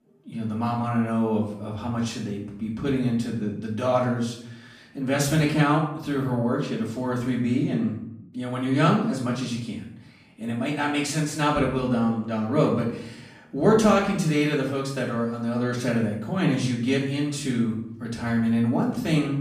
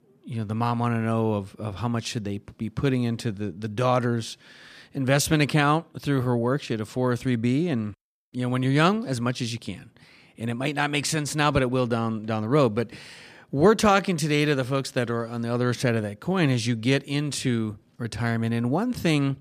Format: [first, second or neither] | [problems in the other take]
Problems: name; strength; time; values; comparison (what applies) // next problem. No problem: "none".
second | off-mic speech; far // room echo; noticeable; dies away in 0.6 s